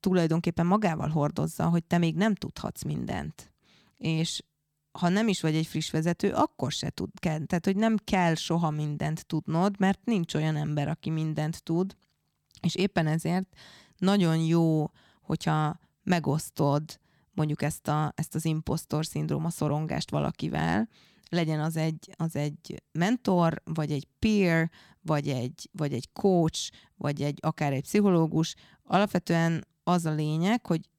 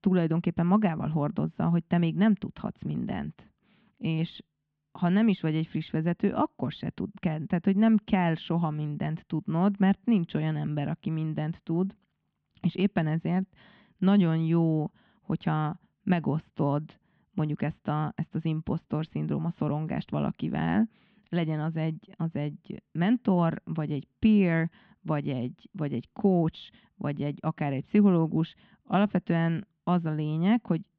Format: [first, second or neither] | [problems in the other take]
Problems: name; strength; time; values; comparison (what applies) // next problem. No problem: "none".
first | muffled; very; fading above 3 kHz